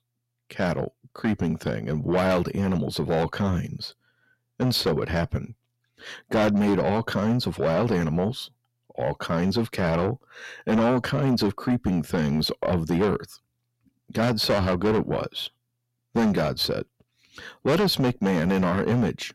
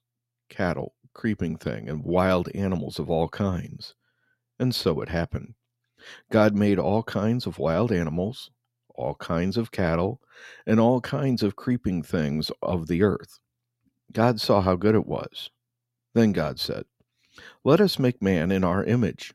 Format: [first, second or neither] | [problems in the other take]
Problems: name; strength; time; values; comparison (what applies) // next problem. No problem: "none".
second | distortion; heavy; 6 dB below the speech